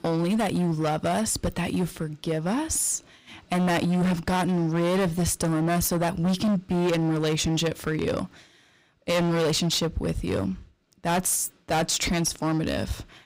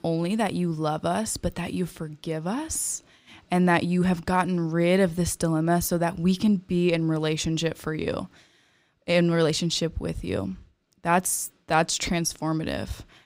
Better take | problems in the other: second | distortion; heavy; 18% of the sound clipped

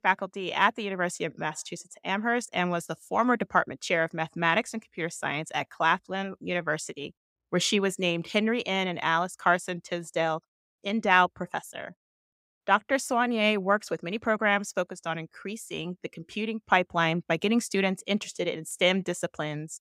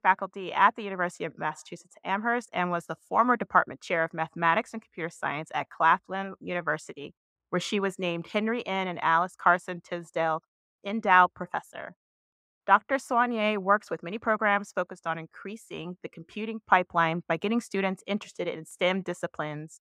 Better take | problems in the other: first | muffled; slightly; fading above 3 kHz

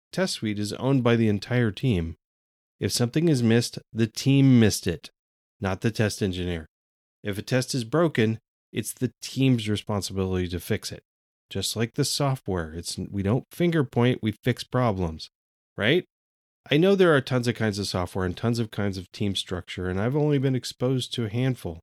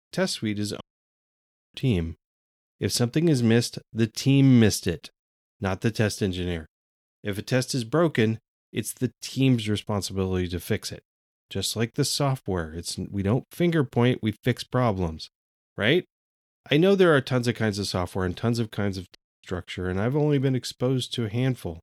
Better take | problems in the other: first | audio cutting out; at 1 s for 1 s and at 19 s

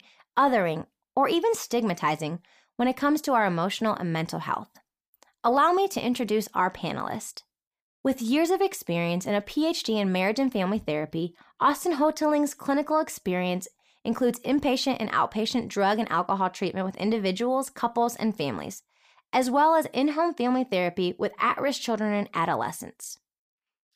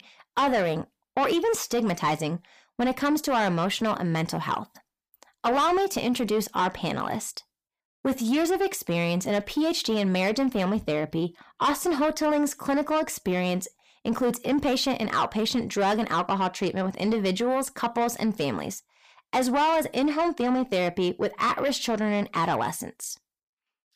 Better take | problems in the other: first | distortion; slight; 10 dB below the speech

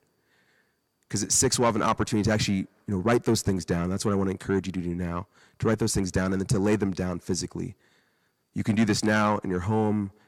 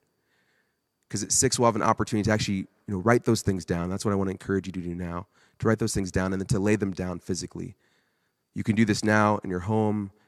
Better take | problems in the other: second | distortion; slight; 10 dB below the speech

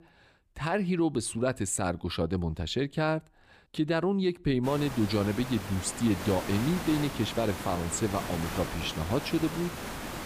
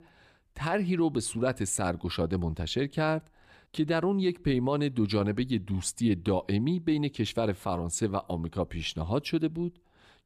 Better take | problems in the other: second | hiss; loud; from 4.5 s on; 8 dB below the speech

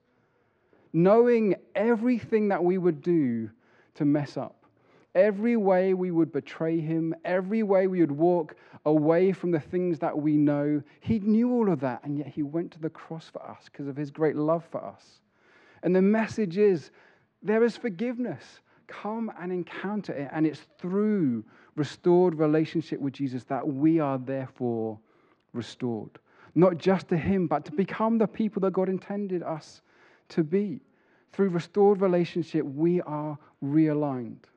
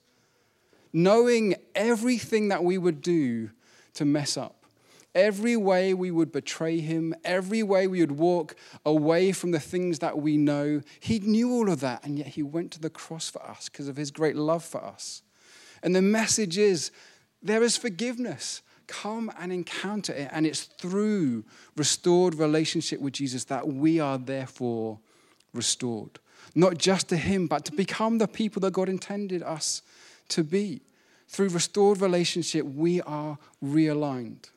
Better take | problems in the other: second | muffled; very; fading above 1.5 kHz

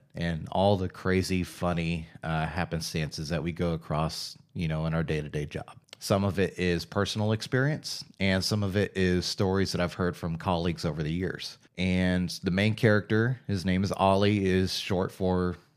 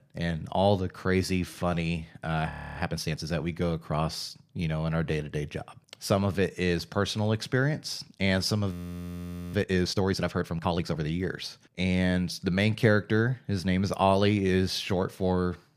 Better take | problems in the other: first | audio freezing; at 2.5 s and at 8.5 s for 1 s

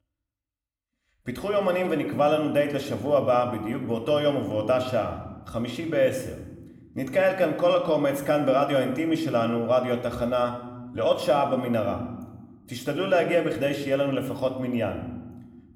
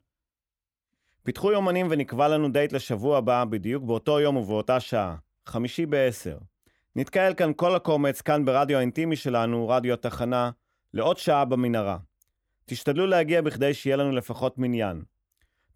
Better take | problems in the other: second | room echo; slight; dies away in 0.9 s // off-mic speech; somewhat distant

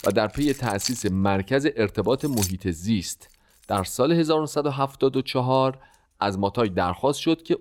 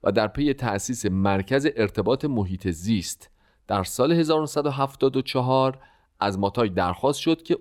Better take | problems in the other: second | household noises; loud; throughout; 10 dB below the speech

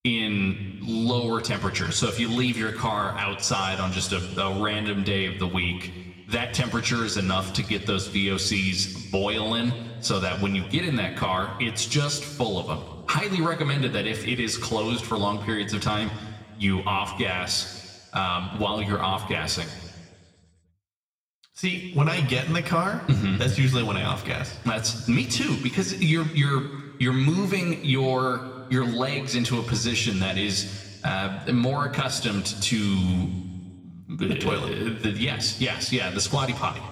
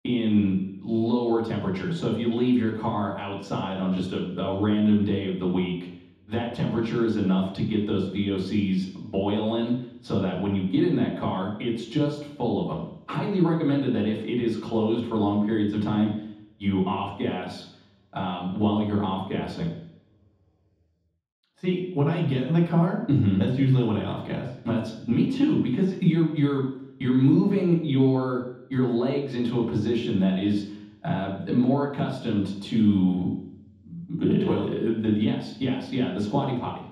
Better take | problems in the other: first | room echo; strong; dies away in 0.9 s; slight in the first // off-mic speech; far

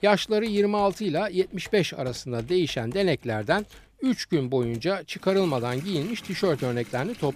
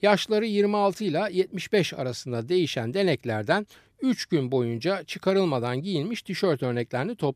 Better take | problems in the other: second | household noises; faint; throughout; 20 dB below the speech

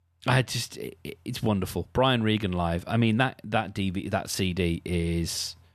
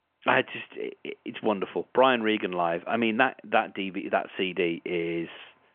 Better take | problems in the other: first | phone-call audio; nothing above 3 kHz

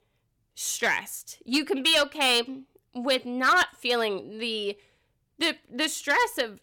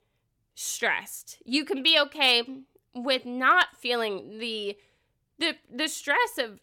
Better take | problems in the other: second | distortion; slight; 3% of the sound clipped

